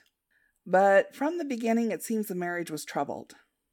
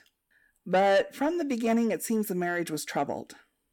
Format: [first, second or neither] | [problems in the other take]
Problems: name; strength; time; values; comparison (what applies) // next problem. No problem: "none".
first | distortion; slight; 10 dB below the speech